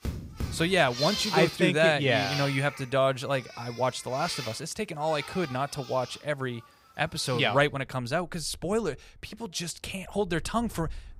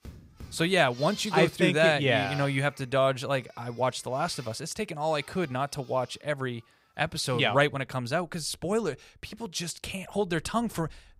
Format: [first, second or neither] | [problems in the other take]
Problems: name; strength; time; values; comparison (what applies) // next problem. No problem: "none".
second | animal sounds; loud; throughout; 9 dB below the speech; faint in the second